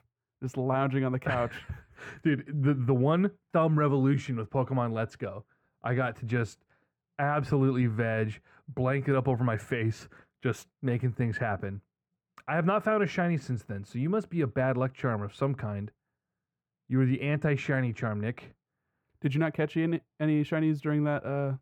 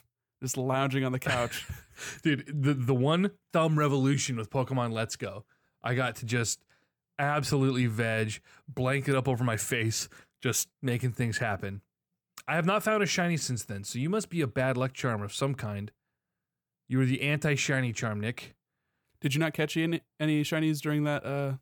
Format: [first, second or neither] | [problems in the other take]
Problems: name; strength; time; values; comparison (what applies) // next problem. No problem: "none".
second | muffled; very; fading above 3 kHz